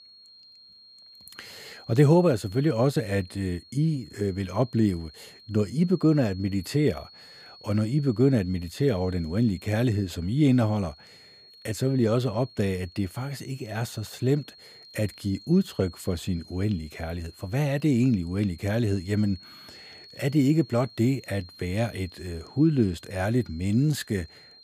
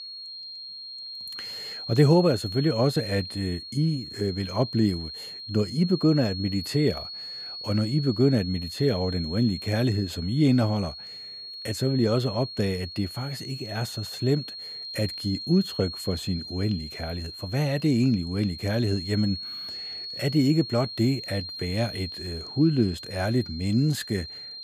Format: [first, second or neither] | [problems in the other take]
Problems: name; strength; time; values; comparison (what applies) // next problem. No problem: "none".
first | high-pitched whine; loud; throughout; 4.5 kHz, 9 dB below the speech; faint in the first